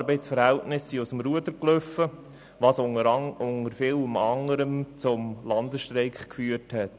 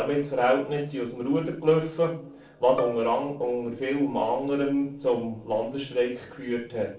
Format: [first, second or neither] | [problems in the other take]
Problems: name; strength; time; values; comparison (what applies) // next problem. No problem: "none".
first | noise reduction (neural separator model SepFormer DNS4)